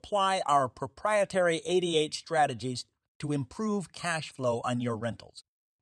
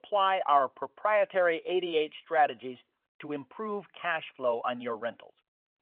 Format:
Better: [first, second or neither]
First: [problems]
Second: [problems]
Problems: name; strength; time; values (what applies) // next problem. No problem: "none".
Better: first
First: none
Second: phone-call audio; nothing above 3 kHz